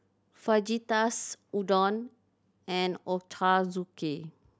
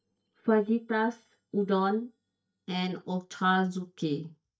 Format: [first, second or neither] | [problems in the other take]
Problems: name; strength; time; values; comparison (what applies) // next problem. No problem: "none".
first | noise reduction (neural mask model DeepFilterNet 3)